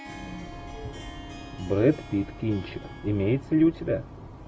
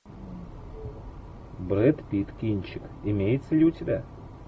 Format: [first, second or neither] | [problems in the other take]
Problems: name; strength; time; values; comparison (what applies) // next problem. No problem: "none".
second | background sound (Harp); 18 dB below the speech